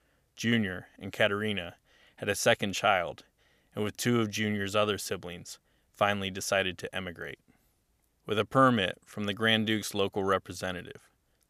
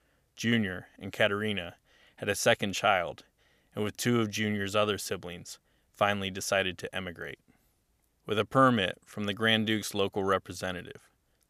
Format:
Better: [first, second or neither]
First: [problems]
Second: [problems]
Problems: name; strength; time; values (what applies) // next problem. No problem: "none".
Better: neither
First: none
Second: none